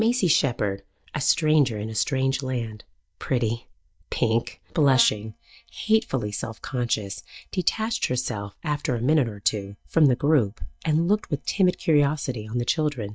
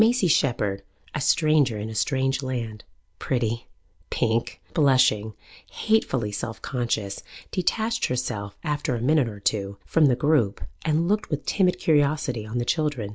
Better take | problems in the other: second | noise reduction (neural mask model DeepFilterNet 3)

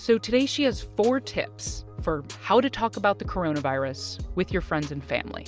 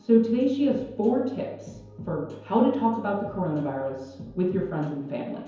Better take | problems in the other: first | room echo; dies away in 0.9 s

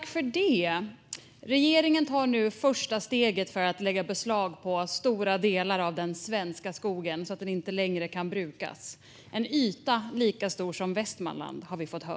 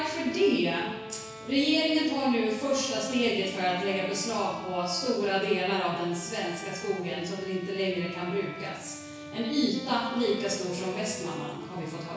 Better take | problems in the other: first | background sound (Bowed string instrument); 13 dB below the speech // room echo; dies away in 1.1 s

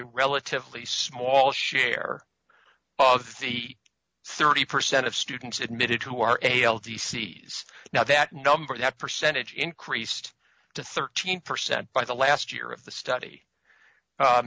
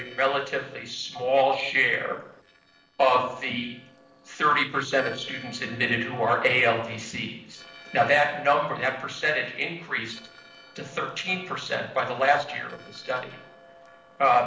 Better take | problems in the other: first | noise reduction (neural separator model SepFormer DNS4)

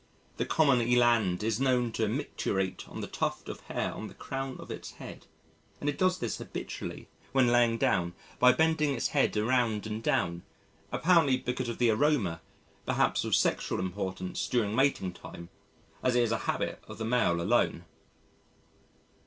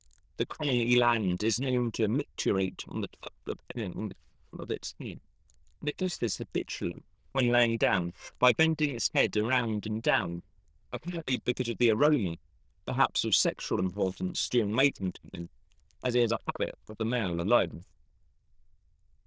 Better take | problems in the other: first | noise reduction (neural diffusion model UNIVERSE++)

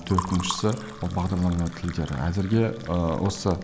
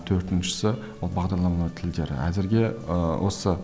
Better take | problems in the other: second | background sound (Liquid); 13 dB below the speech

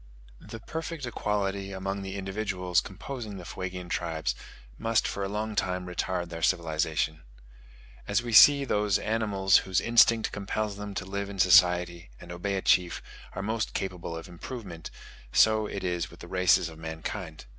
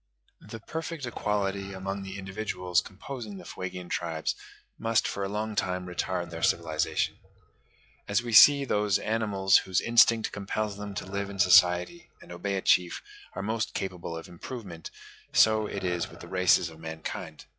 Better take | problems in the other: first | noise reduction (classical method log-MMSE)

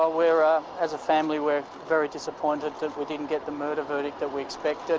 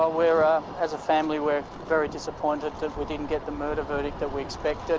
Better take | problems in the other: first | background sound (Thunder); 14 dB below the speech

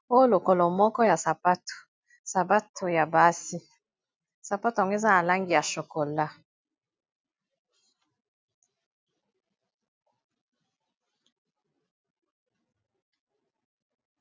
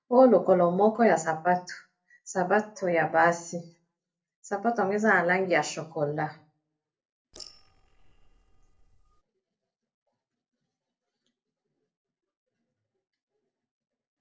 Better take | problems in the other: first | noise reduction (neural separator model SepFormer DNS4)

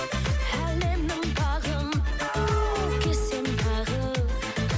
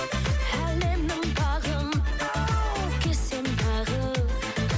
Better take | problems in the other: second | background sound (Wind instrument, woodwind instrument); 9 dB below the speech

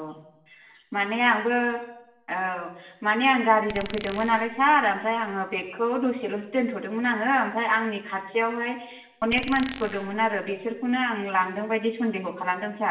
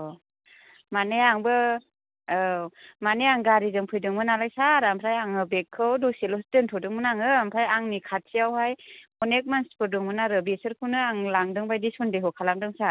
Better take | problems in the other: second | background sound (Glass); 15 dB below the speech // room echo; dies away in 0.8 s

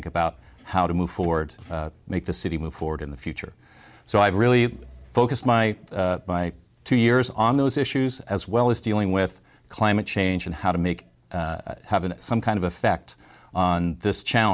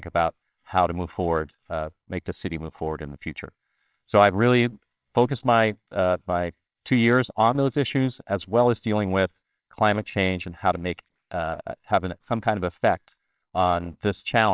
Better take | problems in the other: first | noise reduction (neural separator model SepFormer WHAMR!)

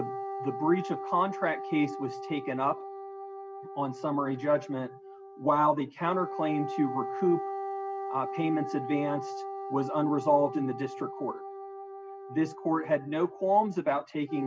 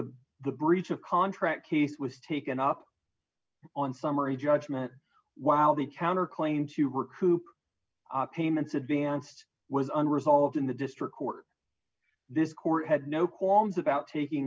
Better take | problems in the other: second | background sound (Wind instrument, woodwind instrument); 8 dB below the speech

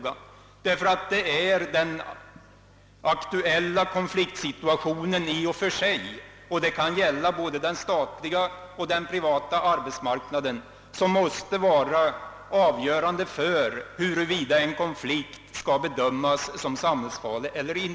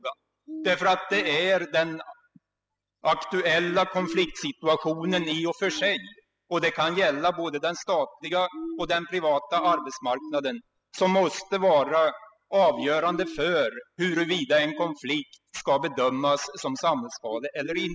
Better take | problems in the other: first | noise reduction (classical method spectral subtraction)

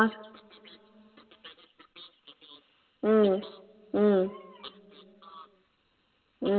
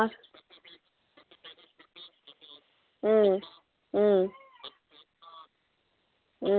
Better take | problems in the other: second | room echo; dies away in 0.6 s

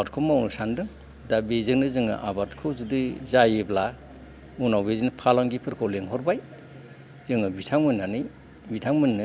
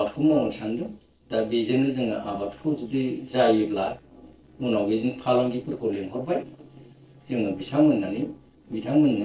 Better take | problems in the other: first | noise reduction (neural separator model SepFormer DNS4)

